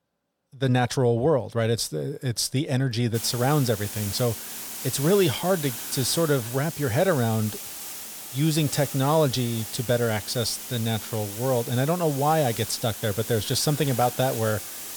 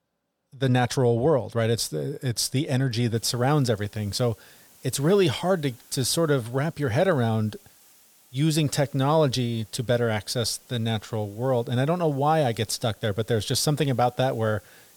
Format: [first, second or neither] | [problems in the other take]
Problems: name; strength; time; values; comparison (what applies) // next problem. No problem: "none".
second | hiss; loud; from 3 s on; 8 dB below the speech; faint in the second